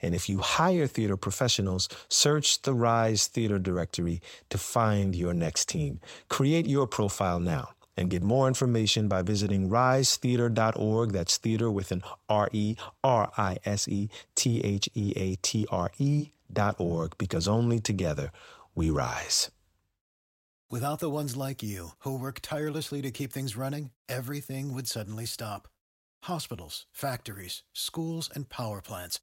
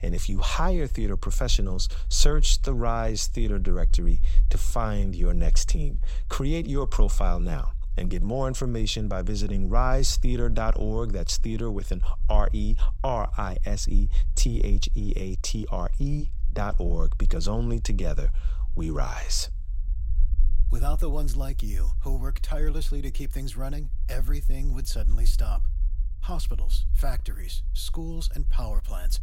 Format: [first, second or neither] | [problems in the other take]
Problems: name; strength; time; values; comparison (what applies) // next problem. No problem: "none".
first | low rumble; faint; throughout; 20 dB below the speech